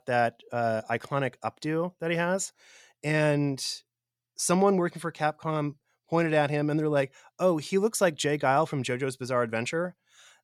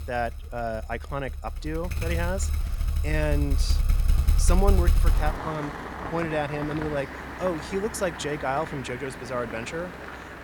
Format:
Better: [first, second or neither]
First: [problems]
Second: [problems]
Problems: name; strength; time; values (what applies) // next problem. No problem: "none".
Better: first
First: none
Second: traffic noise; very loud; throughout; 1 dB above the speech